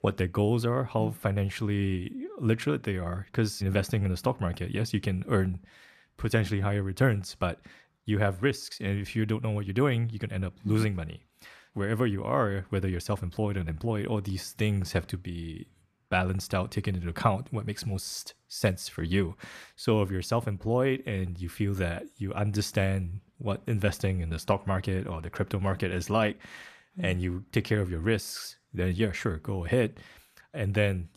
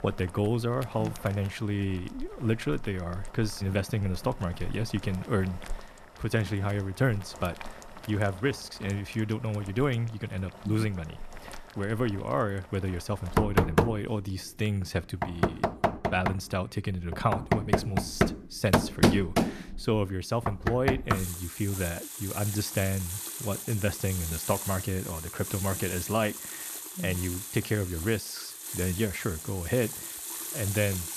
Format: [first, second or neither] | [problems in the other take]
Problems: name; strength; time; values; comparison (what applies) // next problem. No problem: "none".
first | household noises; loud; throughout; 1 dB below the speech